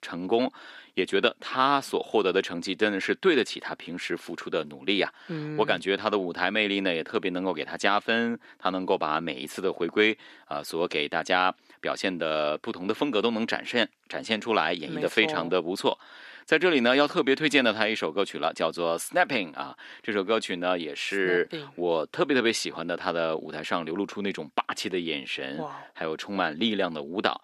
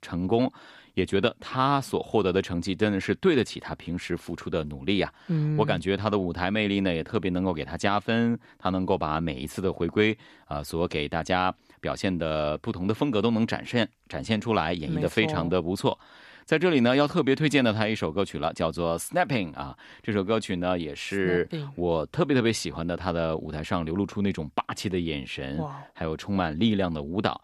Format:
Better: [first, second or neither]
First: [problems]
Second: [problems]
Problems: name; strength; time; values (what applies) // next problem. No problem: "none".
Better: second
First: thin; very slightly; fading below 300 Hz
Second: none